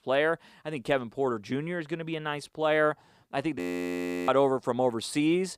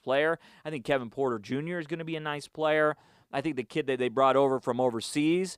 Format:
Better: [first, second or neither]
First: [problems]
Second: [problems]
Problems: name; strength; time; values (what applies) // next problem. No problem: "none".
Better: second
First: audio freezing; at 3.5 s for 0.5 s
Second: none